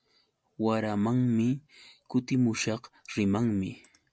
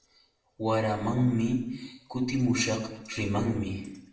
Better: first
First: none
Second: room echo; dies away in 0.7 s

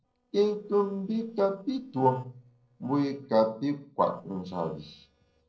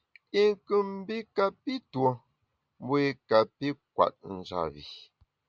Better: second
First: noise reduction (neural separator model SepFormer DNS4)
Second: none

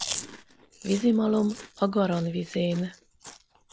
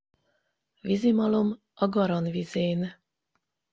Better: second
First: background sound (Chewing, mastication); 14 dB below the speech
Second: none

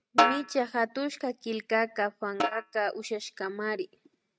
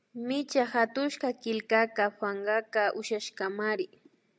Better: second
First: noise reduction (neural mask model RNNoise)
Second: none

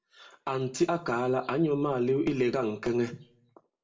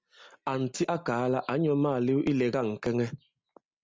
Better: second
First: room echo; dies away in 0.3 s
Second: none

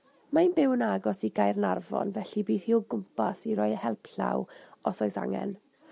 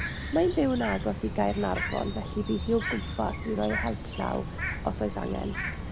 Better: first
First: none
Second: background sound (Bird); 4 dB below the speech

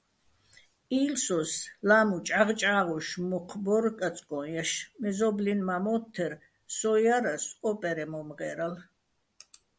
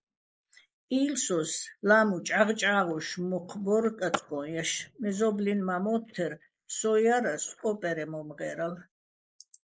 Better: first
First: none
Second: noise reduction (neural mask model Resemble Enhance denoiser)

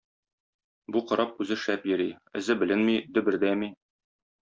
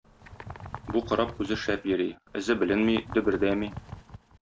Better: first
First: none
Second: background sound (Bird); 13 dB below the speech

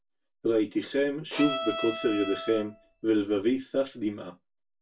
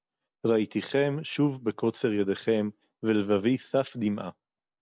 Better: second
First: background sound (Bowed string instrument); 6 dB below the speech // room echo; dies away in 0.2 s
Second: none

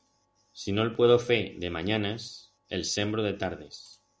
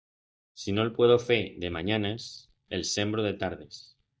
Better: first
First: none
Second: noise reduction (neural mask model DeepFilterNet 3)

